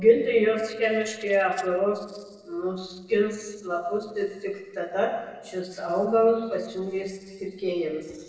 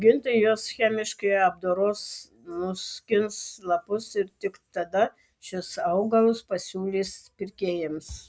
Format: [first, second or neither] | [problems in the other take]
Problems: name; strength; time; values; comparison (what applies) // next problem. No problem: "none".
second | noise reduction (neural separator model SepFormer DNS4)